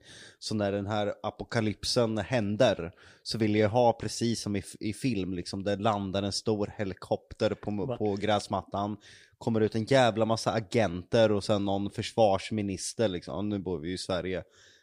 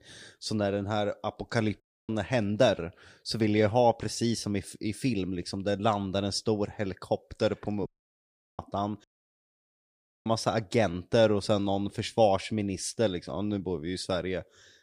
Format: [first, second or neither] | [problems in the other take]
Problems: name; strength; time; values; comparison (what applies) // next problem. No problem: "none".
first | audio cutting out; at 2 s, at 8 s for 0.5 s and at 9 s for 1 s